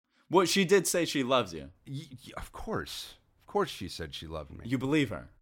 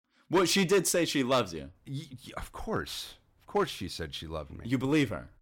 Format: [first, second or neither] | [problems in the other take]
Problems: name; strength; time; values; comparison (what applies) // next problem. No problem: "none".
first | distortion; slight; 2% of the sound clipped